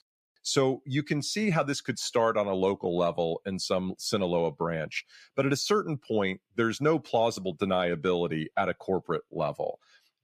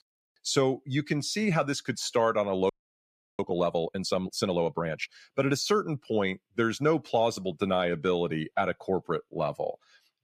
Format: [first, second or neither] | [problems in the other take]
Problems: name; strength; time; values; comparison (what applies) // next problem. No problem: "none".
first | audio freezing; at 2.5 s for 0.5 s